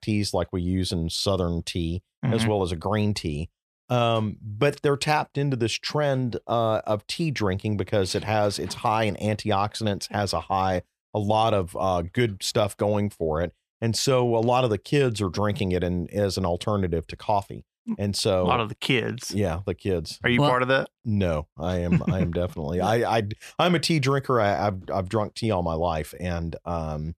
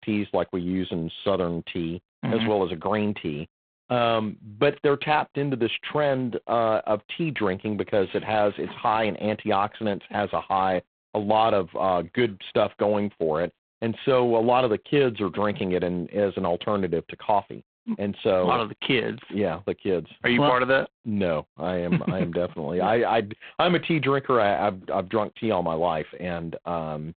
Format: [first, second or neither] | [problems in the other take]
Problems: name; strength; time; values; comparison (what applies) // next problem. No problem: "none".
first | phone-call audio; poor line; nothing above 3.5 kHz